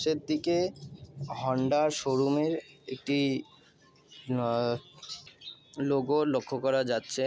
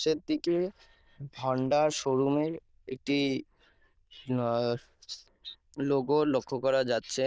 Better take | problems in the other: first | noise reduction (neural diffusion model UNIVERSE++)

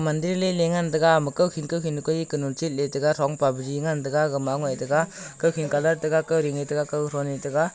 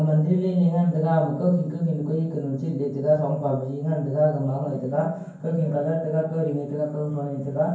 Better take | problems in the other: first | room echo; dies away in 0.9 s

